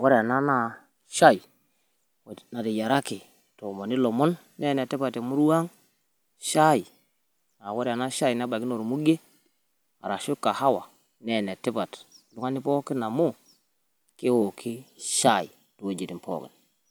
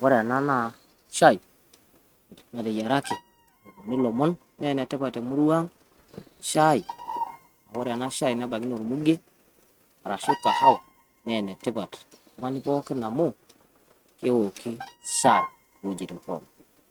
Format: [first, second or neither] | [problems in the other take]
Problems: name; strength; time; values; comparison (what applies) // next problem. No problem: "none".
first | noise reduction (neural mask model RNNoise)